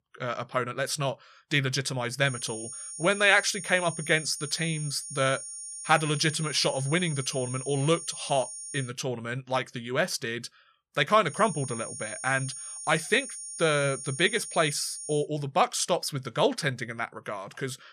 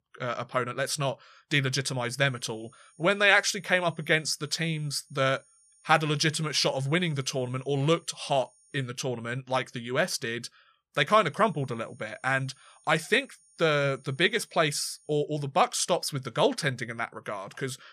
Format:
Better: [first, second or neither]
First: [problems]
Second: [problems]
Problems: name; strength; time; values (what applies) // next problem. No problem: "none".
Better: second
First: high-pitched whine; loud; from 2.5 to 9 s and from 11 to 15 s; 9 kHz, 9 dB below the speech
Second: high-pitched whine; faint; from 2.5 to 9 s and from 11 to 15 s; 9 kHz, 30 dB below the speech